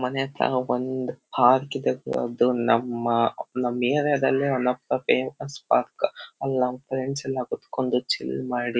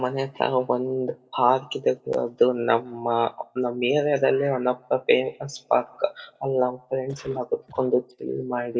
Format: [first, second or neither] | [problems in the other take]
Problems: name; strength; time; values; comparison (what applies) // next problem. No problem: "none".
first | noise reduction (neural mask model DeepFilterNet 3)